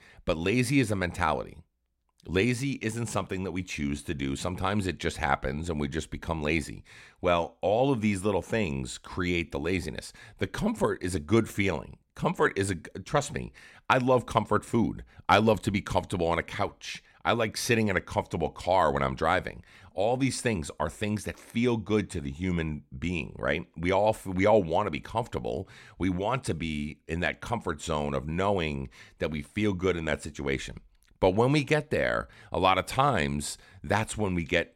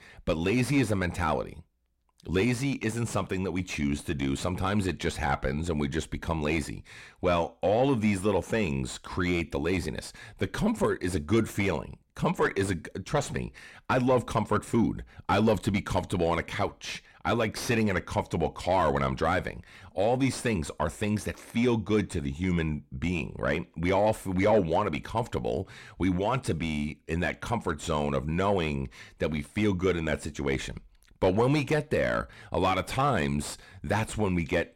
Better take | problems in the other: first | distortion; slight; 10 dB below the speech

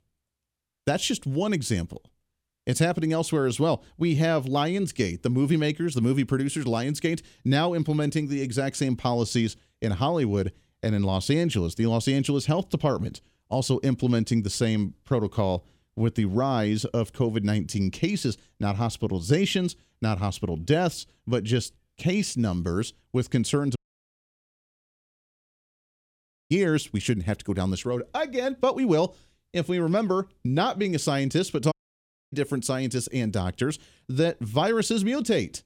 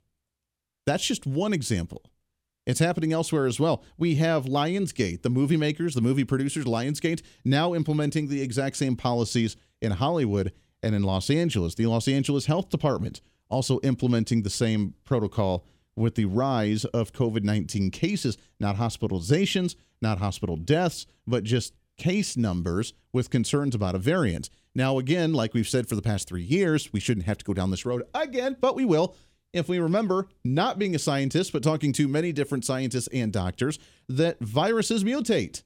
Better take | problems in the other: second | audio cutting out; at 24 s for 2.5 s and at 32 s for 0.5 s

